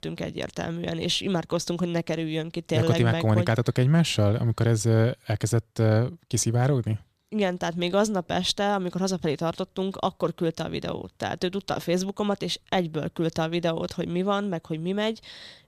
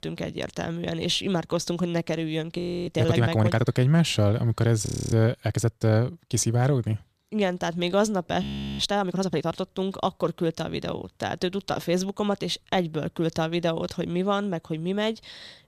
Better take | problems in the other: first | audio freezing; at 2.5 s, at 5 s and at 8.5 s

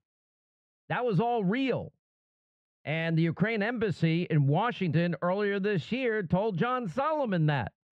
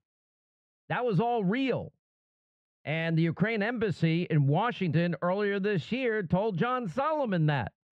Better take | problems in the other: neither | muffled; very; fading above 2 kHz; the same in both

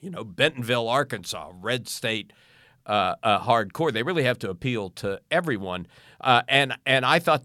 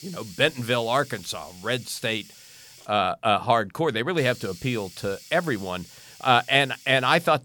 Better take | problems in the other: first | hiss; faint; throughout; 20 dB below the speech

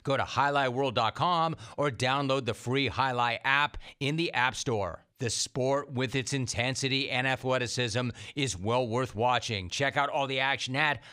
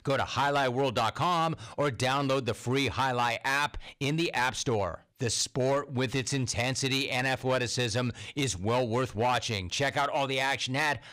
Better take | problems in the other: first | distortion; slight; 6% of the sound clipped

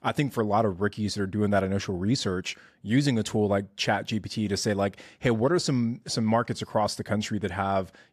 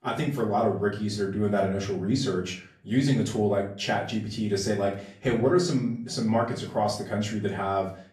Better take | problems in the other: first | room echo; slight; dies away in 0.4 s // off-mic speech; far

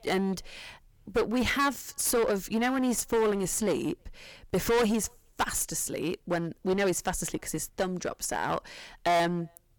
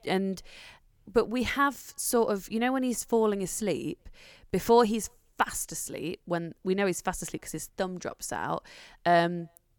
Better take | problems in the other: second | distortion; heavy; 11% of the sound clipped

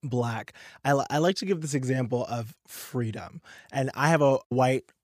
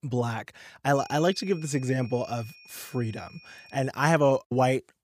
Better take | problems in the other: first | high-pitched whine; faint; from 1 to 4 s; 2.5 kHz, 20 dB below the speech

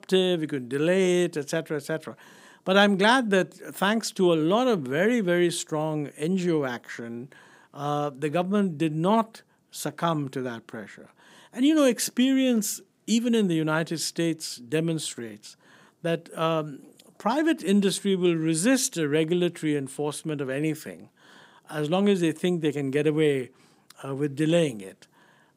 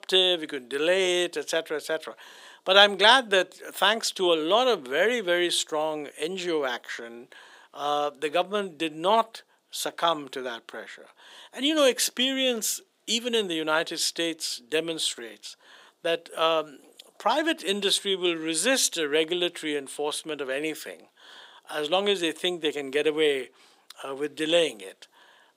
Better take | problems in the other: first | thin; somewhat; fading below 550 Hz

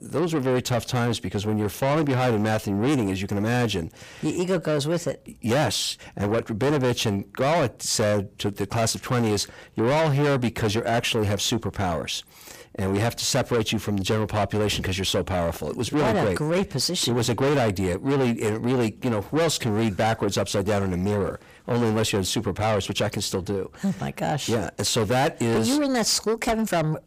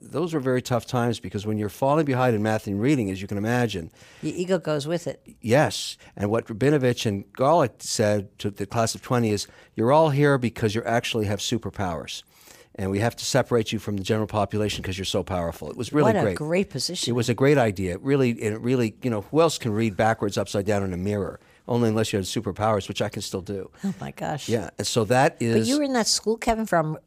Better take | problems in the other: second | distortion; heavy; 7 dB below the speech

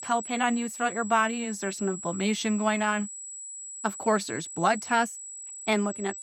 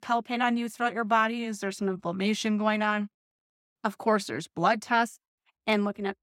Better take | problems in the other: second | high-pitched whine; loud; throughout; 8 kHz, 10 dB below the speech

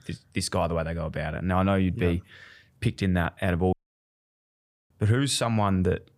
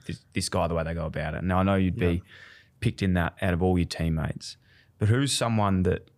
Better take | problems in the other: second | audio cutting out; at 3.5 s for 1 s

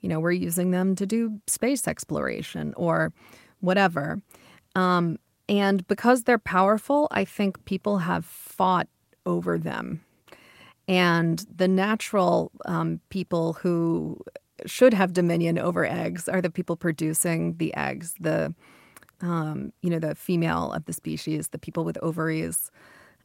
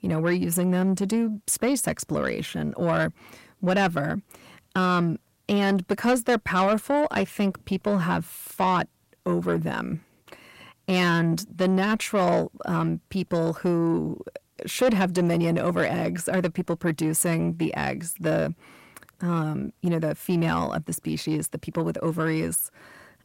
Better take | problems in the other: first | distortion; slight; 10 dB below the speech

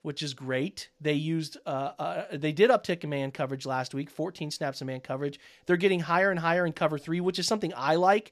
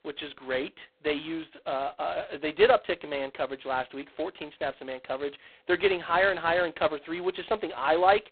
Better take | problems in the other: first | phone-call audio; poor line; nothing above 4 kHz

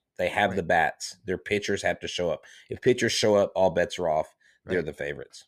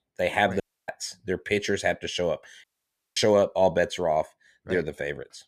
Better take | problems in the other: first | audio cutting out; at 0.5 s and at 2.5 s for 0.5 s

